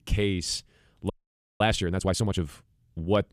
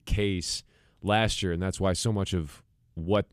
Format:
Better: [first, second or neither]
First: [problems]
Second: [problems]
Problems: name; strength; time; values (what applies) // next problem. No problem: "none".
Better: second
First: audio freezing; at 1 s for 0.5 s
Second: none